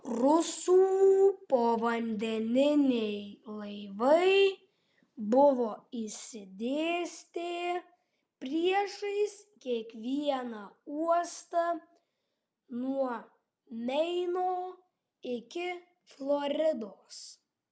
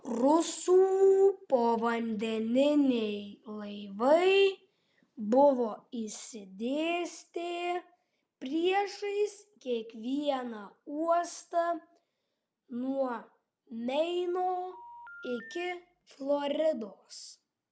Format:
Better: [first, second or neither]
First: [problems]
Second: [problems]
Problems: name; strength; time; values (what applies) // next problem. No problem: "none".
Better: first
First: none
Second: background sound (Telephone); 19 dB below the speech